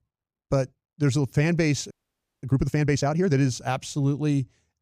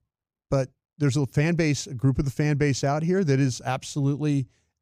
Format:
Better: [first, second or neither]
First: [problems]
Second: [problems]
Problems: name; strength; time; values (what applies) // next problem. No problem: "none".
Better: second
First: audio freezing; at 2 s for 0.5 s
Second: none